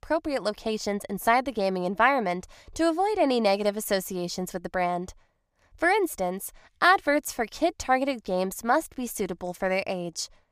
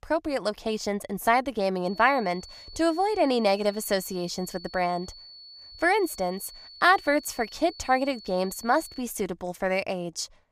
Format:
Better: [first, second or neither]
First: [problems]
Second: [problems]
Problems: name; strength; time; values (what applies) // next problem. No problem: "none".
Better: first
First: none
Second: high-pitched whine; noticeable; from 2 to 9 s; 4.5 kHz, 20 dB below the speech